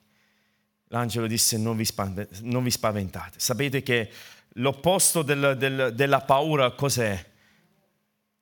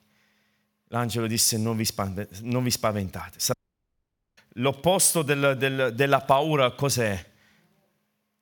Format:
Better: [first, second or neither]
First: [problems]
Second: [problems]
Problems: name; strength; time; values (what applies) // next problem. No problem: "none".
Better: first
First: none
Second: audio cutting out; at 3.5 s for 1 s